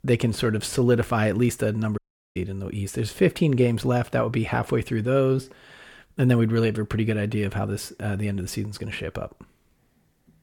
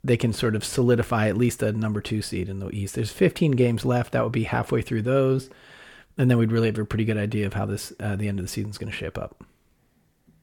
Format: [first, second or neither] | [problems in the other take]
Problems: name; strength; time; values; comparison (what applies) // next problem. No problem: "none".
second | audio cutting out; at 2 s